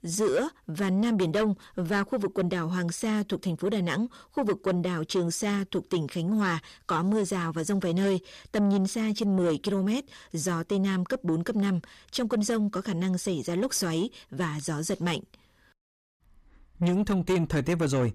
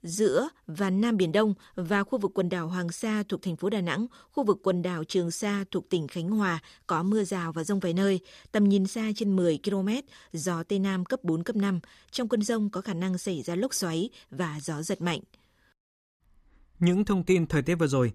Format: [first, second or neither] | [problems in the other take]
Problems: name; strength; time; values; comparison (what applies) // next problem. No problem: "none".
second | distortion; slight; 10 dB below the speech